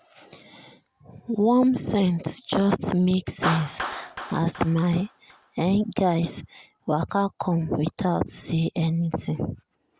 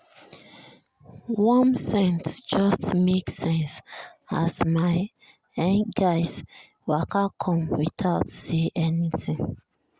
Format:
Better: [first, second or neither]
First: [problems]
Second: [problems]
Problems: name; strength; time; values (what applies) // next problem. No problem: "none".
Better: second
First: background sound (Clapping); 15 dB below the speech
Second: none